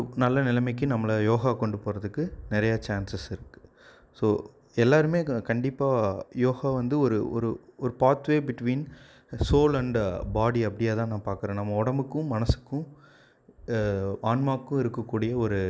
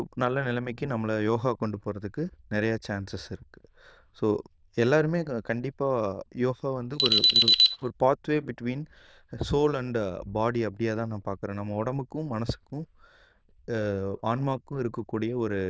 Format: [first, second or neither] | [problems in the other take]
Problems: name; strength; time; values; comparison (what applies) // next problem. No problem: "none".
first | noise reduction (neural diffusion model UNIVERSE++)